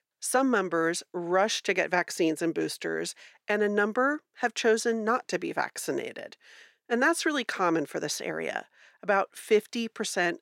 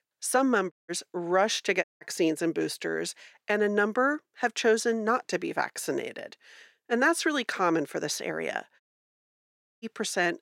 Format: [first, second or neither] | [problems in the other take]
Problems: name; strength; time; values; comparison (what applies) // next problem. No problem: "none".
first | audio cutting out; at 0.5 s, at 2 s and at 9 s for 1 s